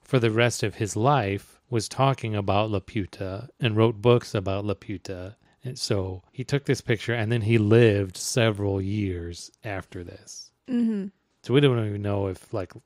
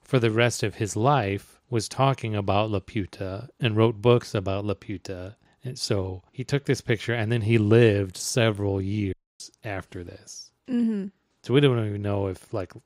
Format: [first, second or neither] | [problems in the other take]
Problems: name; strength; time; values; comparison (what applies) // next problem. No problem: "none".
first | audio cutting out; at 9 s